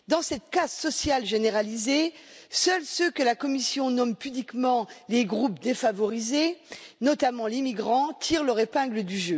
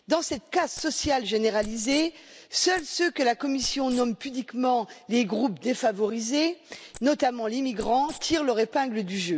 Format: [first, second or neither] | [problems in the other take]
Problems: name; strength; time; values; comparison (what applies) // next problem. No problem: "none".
first | background sound (Wild animals); 19 dB below the speech